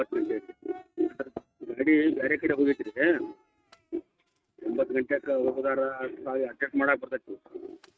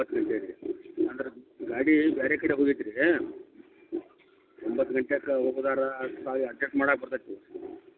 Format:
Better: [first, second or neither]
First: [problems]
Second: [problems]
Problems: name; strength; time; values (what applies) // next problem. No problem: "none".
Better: second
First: noise reduction (neural mask model RNNoise)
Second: none